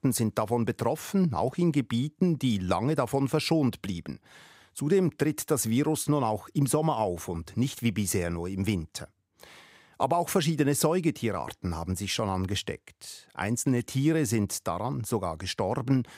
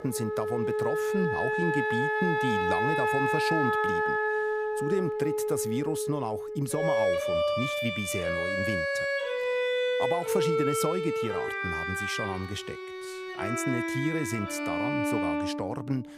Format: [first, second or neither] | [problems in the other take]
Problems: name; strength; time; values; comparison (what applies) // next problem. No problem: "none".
first | background music; very loud; throughout; 4 dB above the speech